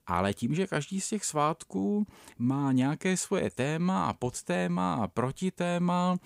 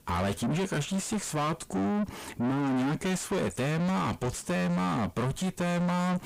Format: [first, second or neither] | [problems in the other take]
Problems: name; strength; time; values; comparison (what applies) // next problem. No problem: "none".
first | distortion; heavy; 5 dB below the speech